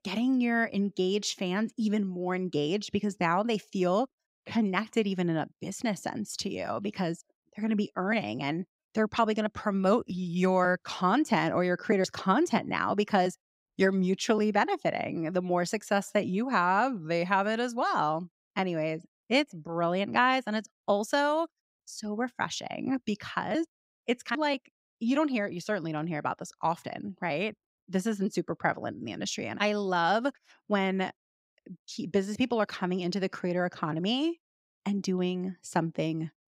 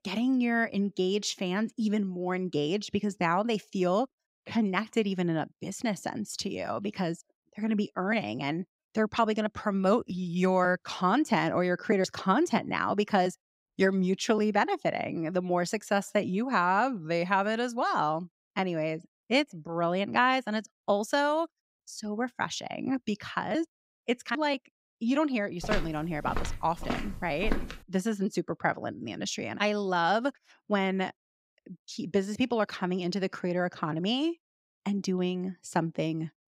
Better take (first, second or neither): first